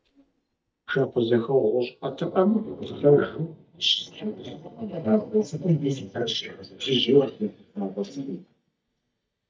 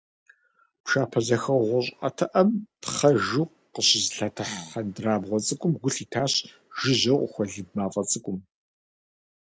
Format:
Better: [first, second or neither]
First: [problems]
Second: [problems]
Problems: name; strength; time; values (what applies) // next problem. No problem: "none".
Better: second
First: noise reduction (neural mask model DeepFilterNet 3)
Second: none